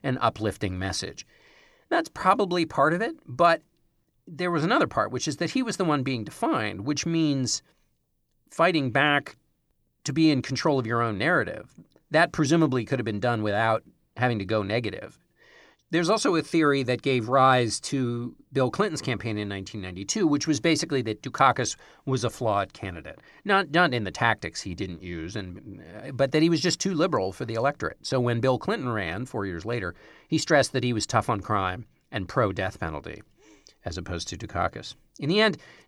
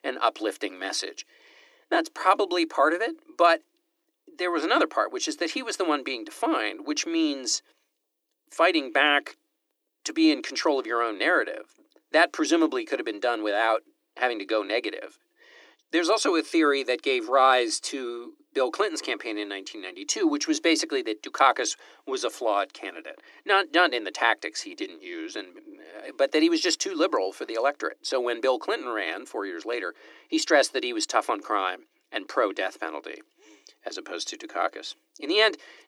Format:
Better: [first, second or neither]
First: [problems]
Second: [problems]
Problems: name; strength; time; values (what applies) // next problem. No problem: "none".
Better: first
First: none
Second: thin; somewhat; fading below 300 Hz